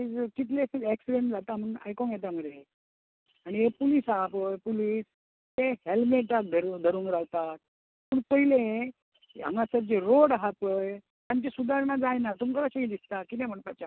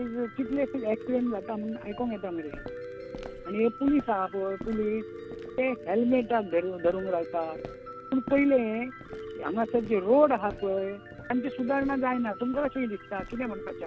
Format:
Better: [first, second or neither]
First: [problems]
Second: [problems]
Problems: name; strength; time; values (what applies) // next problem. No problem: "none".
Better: first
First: none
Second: background sound (Walk, footsteps + Piano); 12 dB below the speech